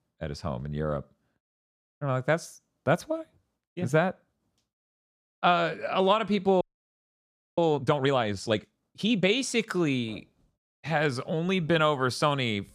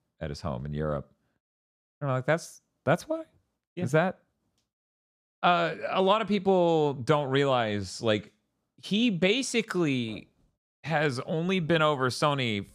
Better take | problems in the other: second | audio freezing; at 6.5 s for 1 s

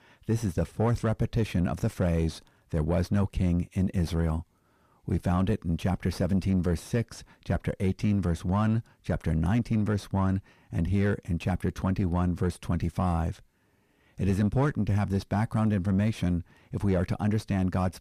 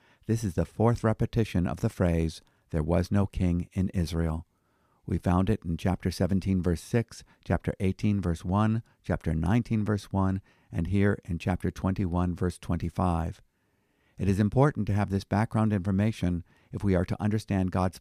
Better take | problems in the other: second | distortion; slight; 10 dB below the speech

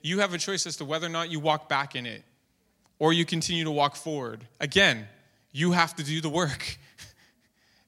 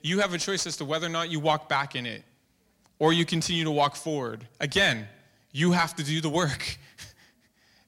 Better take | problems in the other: first | distortion; slight; 10 dB below the speech

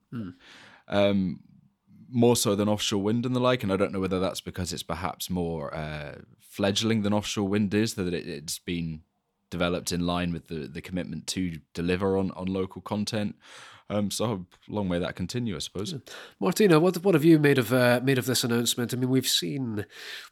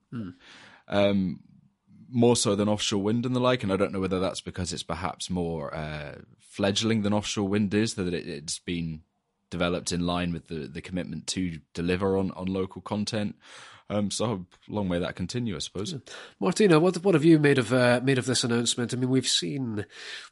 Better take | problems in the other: first | garbled, watery; slightly; nothing above 11 kHz

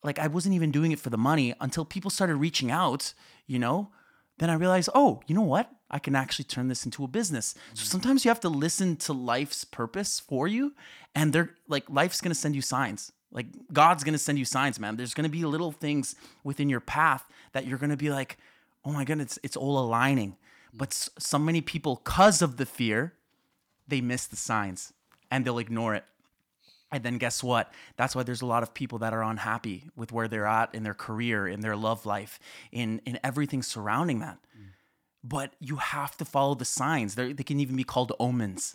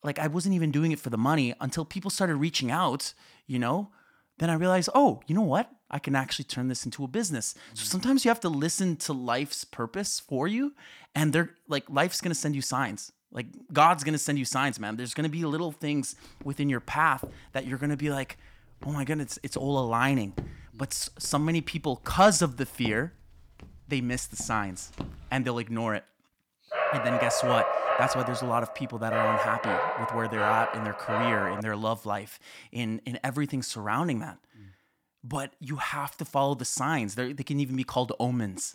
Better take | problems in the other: first | footsteps; faint; from 16 to 25 s; peak 10 dB below the speech // dog barking; loud; from 27 to 32 s; peak 2 dB above the speech

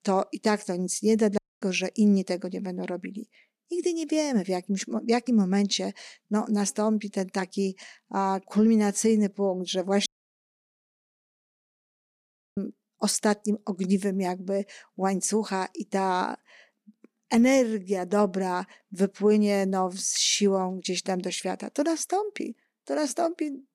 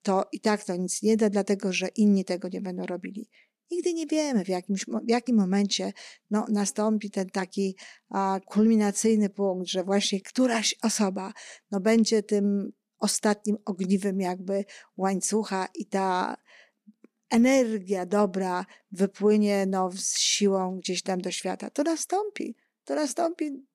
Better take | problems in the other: second | audio cutting out; at 1.5 s and at 10 s for 2.5 s

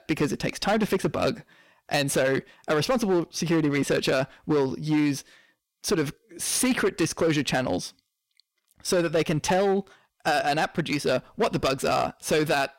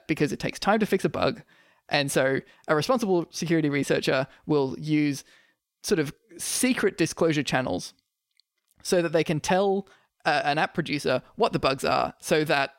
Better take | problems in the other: second | distortion; slight; 8% of the sound clipped

